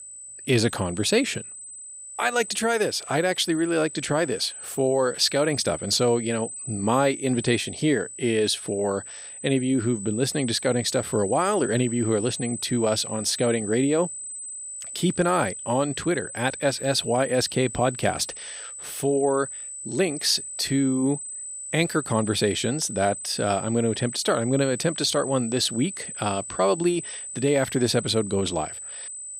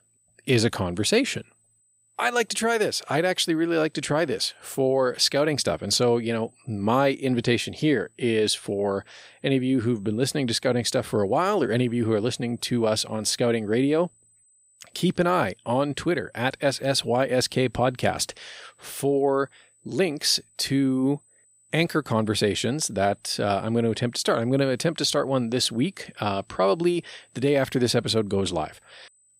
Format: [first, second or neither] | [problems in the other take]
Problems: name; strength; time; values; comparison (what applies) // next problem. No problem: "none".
second | high-pitched whine; loud; throughout; 8 kHz, 9 dB below the speech; faint in the second